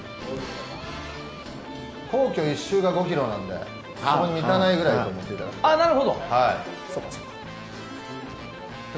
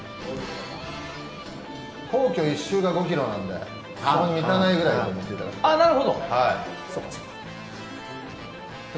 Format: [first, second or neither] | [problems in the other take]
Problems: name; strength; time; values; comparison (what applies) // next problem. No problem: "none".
first | room echo; dies away in 1.3 s